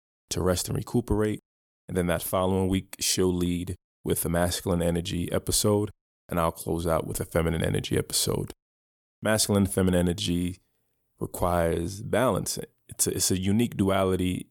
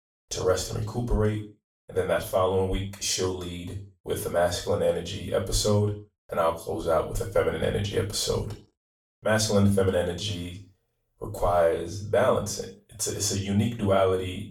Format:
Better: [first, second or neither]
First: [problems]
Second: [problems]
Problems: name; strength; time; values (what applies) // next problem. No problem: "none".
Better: first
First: none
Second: room echo; slight; dies away in 0.3 s // off-mic speech; far